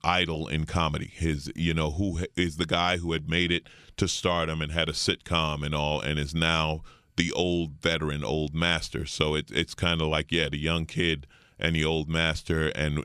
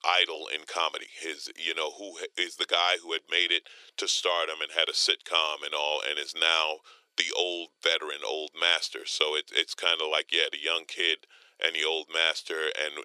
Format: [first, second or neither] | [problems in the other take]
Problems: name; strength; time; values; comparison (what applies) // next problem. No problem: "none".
first | thin; very; fading below 400 Hz